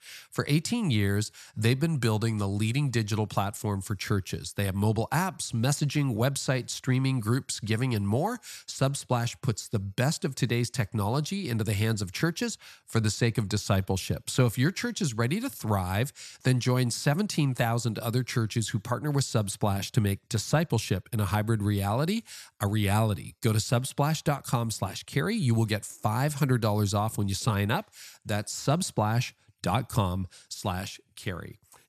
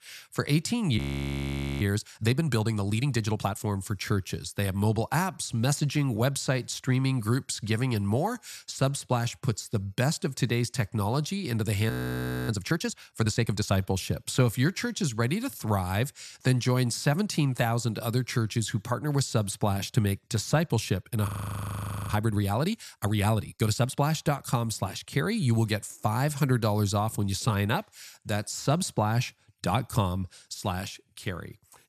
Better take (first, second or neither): first